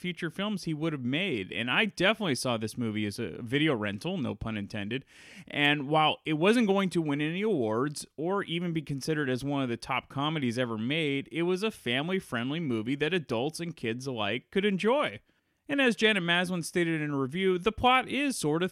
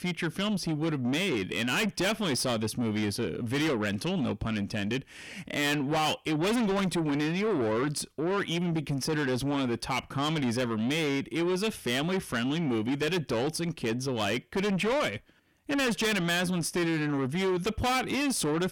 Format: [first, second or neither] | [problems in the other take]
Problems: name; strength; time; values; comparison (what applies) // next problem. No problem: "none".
first | distortion; heavy; 6 dB below the speech